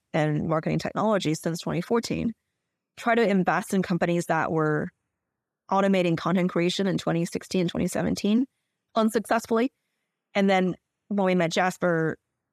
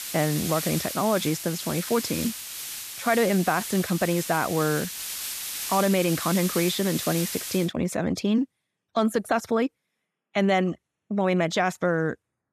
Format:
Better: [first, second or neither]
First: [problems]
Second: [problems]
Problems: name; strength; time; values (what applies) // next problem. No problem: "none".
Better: first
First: none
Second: hiss; loud; until 7.5 s; 6 dB below the speech